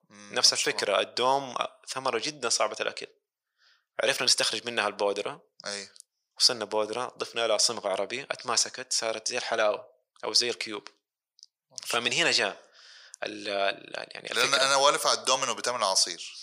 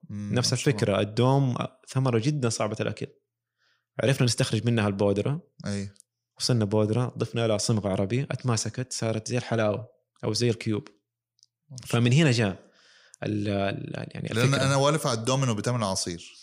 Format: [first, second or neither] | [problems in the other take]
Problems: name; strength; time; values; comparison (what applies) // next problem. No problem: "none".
second | thin; very; fading below 750 Hz